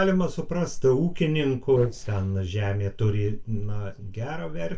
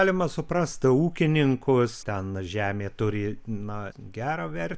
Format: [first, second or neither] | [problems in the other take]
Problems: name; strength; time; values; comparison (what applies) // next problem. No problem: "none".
second | noise reduction (neural separator model SepFormer DNS4)